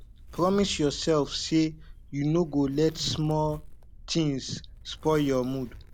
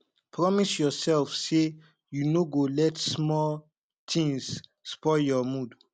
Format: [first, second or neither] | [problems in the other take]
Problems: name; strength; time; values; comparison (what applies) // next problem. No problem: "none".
second | background sound (Zipper (clothing)); 16 dB below the speech